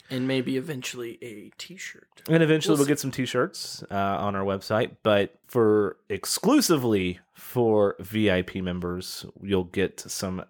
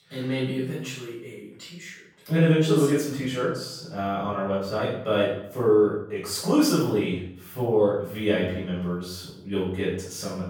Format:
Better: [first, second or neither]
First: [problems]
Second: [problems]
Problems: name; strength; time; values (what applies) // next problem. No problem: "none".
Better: first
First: none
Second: off-mic speech; far // room echo; noticeable; dies away in 0.6 s